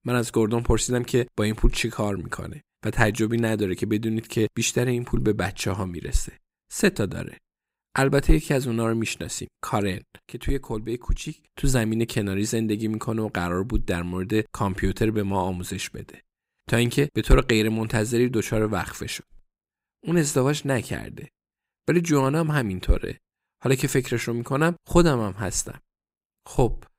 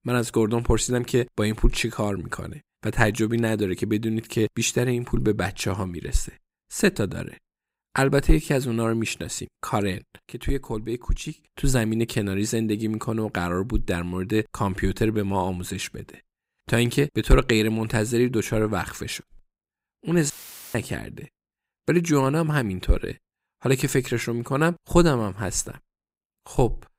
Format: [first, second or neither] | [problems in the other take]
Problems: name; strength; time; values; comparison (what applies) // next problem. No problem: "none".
first | audio cutting out; filled with static; at 20 s